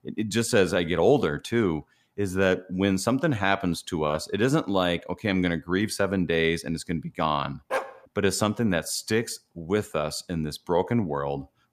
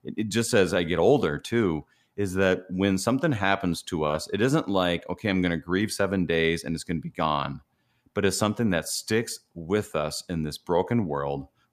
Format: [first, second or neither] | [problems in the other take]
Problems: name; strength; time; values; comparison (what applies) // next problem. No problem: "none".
second | dog barking; noticeable; at 7.5 s; peak 5 dB below the speech